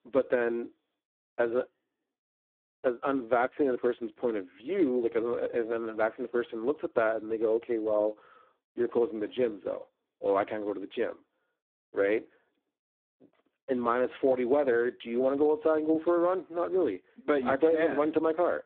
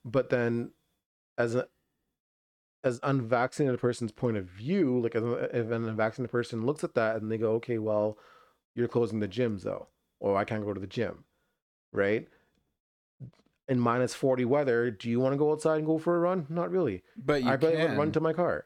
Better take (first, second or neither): second